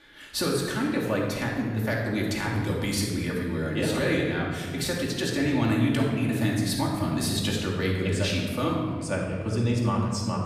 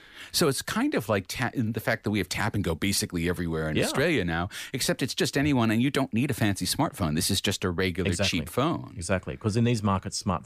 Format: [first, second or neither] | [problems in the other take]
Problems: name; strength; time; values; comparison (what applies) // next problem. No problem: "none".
second | off-mic speech; far // room echo; noticeable; dies away in 1.8 s